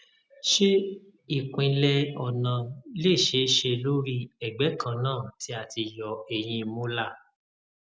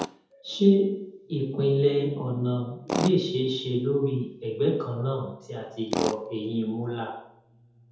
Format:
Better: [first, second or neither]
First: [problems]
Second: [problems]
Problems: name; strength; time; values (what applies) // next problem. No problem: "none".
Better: first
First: none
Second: background sound (Tools); 11 dB below the speech // room echo; dies away in 0.8 s